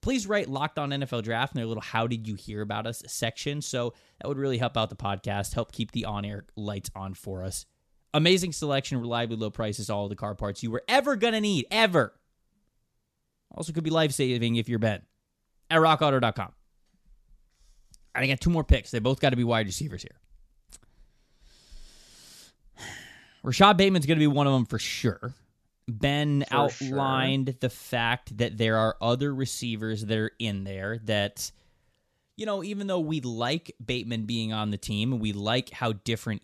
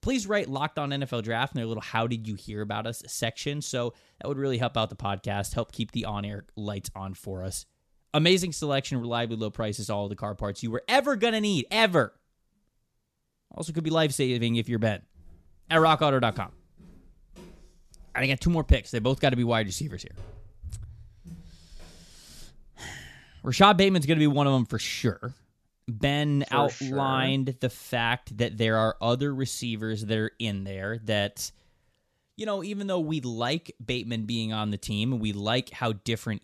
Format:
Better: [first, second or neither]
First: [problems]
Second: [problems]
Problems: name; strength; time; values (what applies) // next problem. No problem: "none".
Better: first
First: none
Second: footsteps; faint; from 15 to 24 s; peak 15 dB below the speech